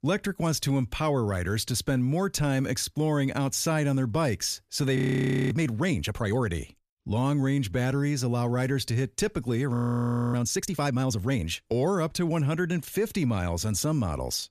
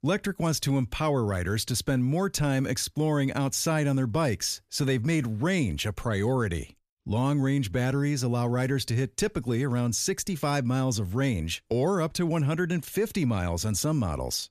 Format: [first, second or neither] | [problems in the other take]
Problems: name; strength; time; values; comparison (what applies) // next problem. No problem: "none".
second | audio freezing; at 5 s for 0.5 s and at 9.5 s for 0.5 s